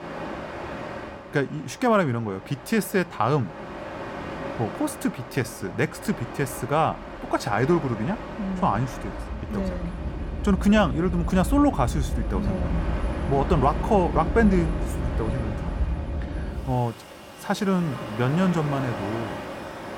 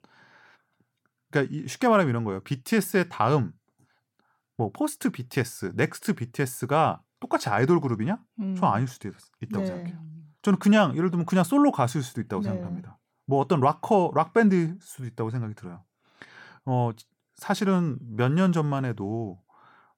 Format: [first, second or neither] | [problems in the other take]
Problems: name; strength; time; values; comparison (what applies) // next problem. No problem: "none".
second | train or aircraft noise; loud; throughout; 7 dB below the speech